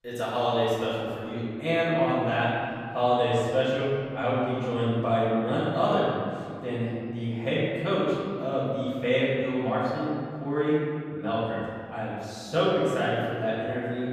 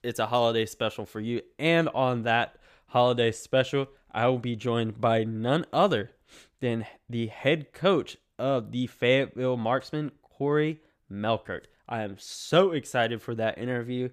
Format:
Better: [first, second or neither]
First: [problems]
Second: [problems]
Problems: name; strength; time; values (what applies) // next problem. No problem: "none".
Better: second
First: off-mic speech; far // room echo; strong; dies away in 2.2 s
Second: none